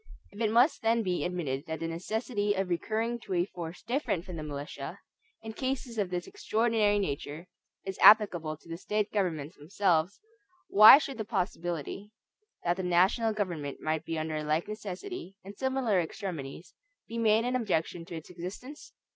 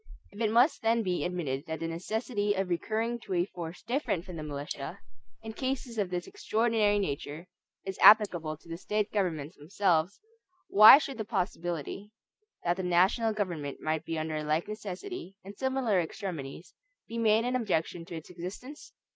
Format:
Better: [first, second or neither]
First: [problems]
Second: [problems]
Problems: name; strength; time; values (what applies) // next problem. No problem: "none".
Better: first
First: none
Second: noise reduction (neural mask model Resemble Enhance denoiser)